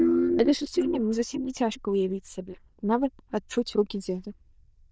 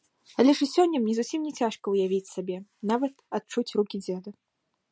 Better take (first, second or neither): second